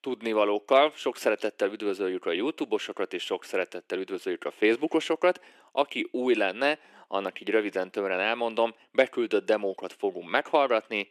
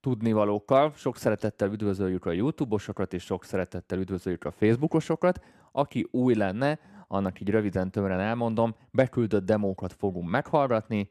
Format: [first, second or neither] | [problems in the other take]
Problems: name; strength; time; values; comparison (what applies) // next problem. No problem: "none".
second | thin; somewhat; fading below 350 Hz